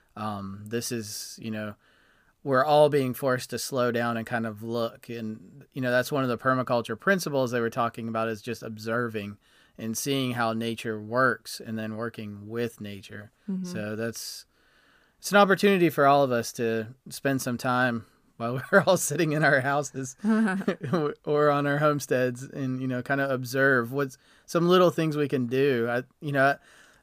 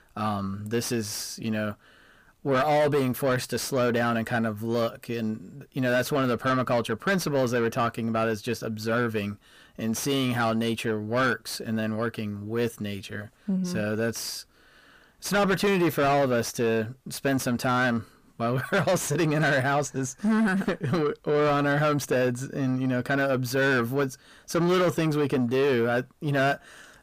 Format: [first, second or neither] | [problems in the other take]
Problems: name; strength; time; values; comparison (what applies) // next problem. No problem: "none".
first | distortion; heavy; 7 dB below the speech